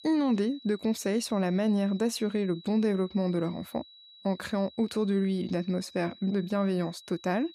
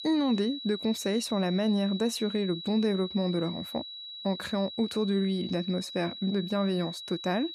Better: first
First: high-pitched whine; faint; throughout; 4 kHz, 20 dB below the speech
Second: high-pitched whine; loud; throughout; 4 kHz, 9 dB below the speech

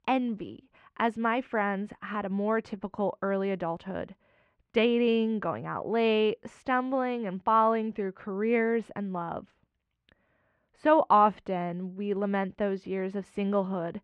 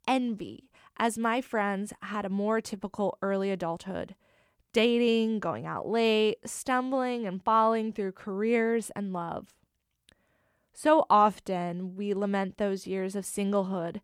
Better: second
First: muffled; slightly; fading above 2.5 kHz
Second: none

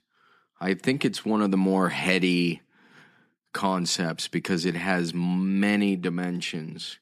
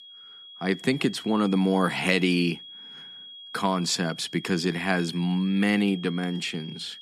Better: first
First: none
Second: high-pitched whine; noticeable; throughout; 3.5 kHz, 15 dB below the speech

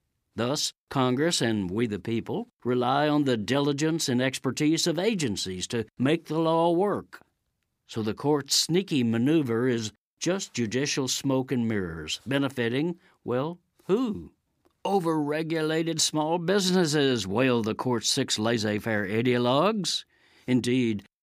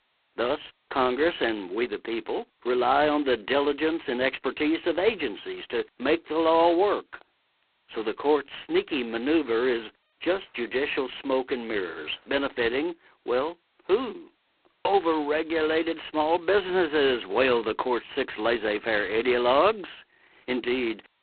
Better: first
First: none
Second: phone-call audio; poor line; nothing above 4 kHz

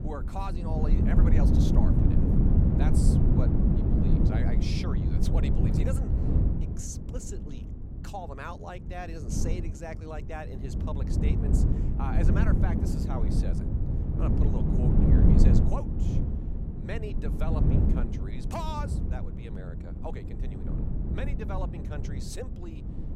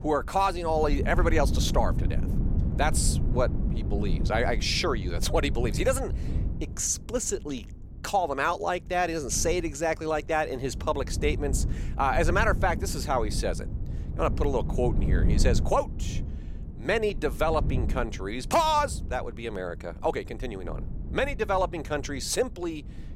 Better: second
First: wind noise on the microphone; heavy; 3 dB above the speech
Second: wind noise on the microphone; occasional gusts; 15 dB below the speech

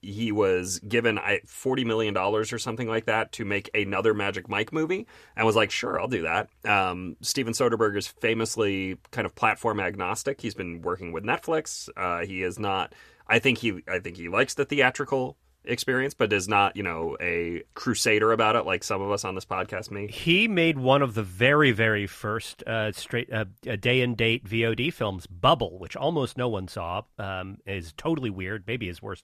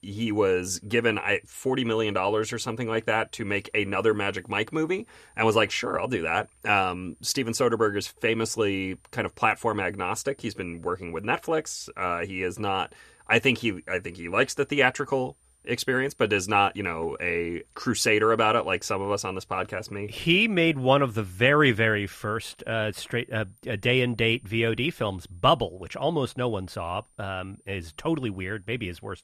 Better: first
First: none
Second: high-pitched whine; faint; throughout; 9 kHz, 35 dB below the speech

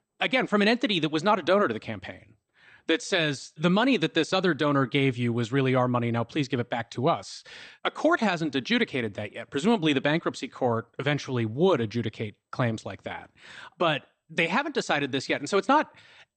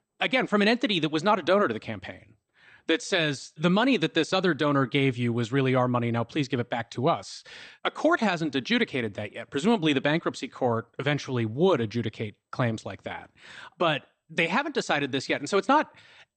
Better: neither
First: garbled, watery; slightly; nothing above 8.5 kHz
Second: garbled, watery; slightly; nothing above 8.5 kHz

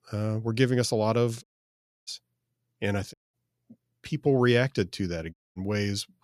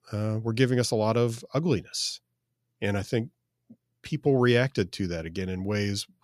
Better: second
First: audio cutting out; at 1.5 s for 0.5 s, at 3 s and at 5.5 s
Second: none

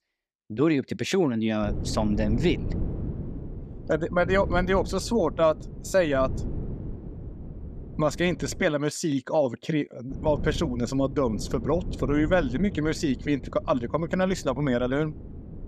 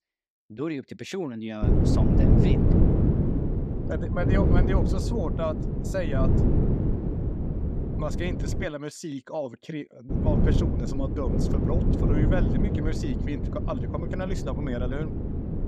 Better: first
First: wind noise on the microphone; occasional gusts; from 1.5 to 8.5 s and from 10 s on; 15 dB below the speech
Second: wind noise on the microphone; heavy; from 1.5 to 8.5 s and from 10 s on; 1 dB above the speech

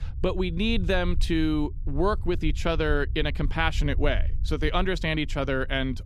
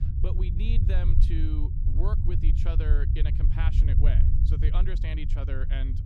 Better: first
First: low rumble; faint; throughout; 25 dB below the speech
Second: low rumble; loud; throughout; 2 dB below the speech

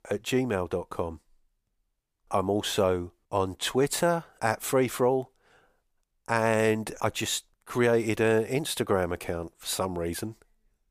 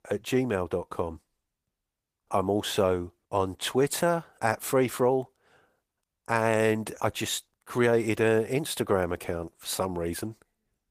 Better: first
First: none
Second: garbled, watery; slightly; nothing above 15 kHz

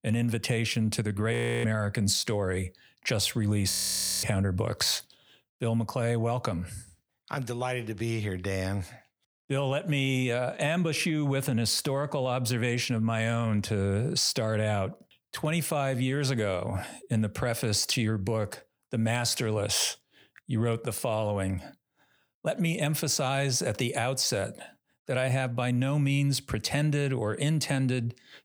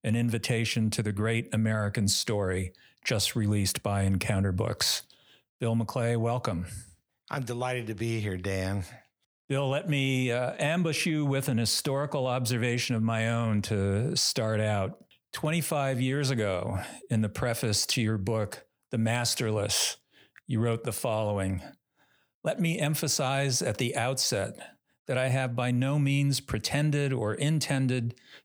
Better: second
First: audio freezing; at 1.5 s and at 3.5 s for 0.5 s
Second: none

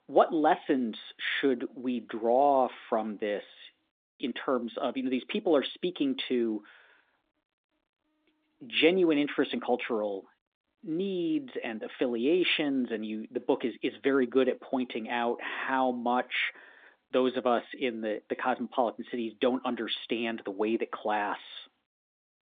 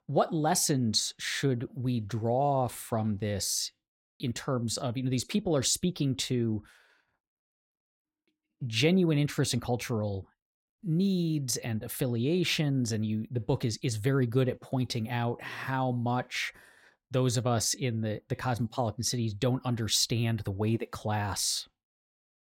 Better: second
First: phone-call audio; nothing above 3.5 kHz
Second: none

